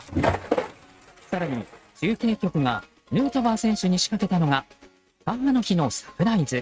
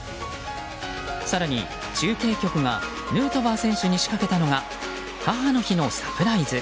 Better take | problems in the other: second | noise reduction (neural mask model RNNoise)

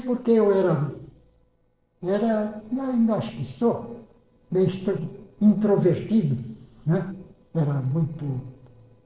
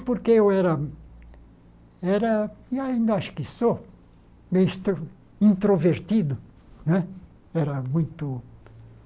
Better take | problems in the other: second | noise reduction (neural separator model SepFormer DNS4)

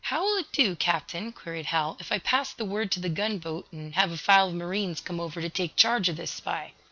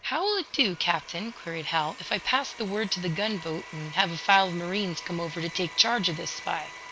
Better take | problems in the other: first | background sound (Domestic sounds, home sounds); 15 dB below the speech

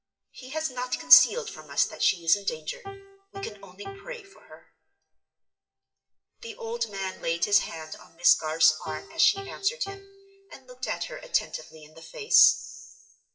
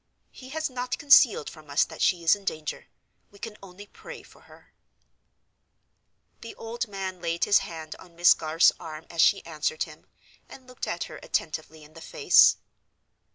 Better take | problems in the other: second | noise reduction (classical method WPE with log-MMSE)

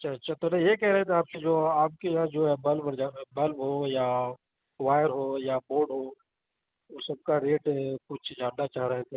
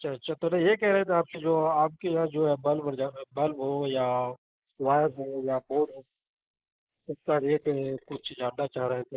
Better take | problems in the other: first | noise reduction (neural mask model Resemble Enhance denoiser)

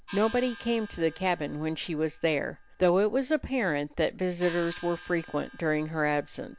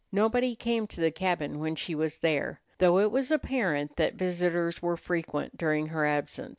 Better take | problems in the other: second | background sound (Gong); 19 dB below the speech

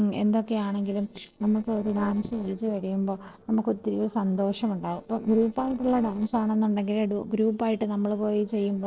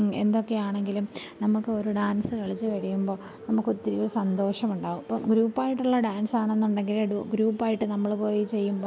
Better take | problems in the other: second | noise reduction (neural separator model SepFormer DNS4)

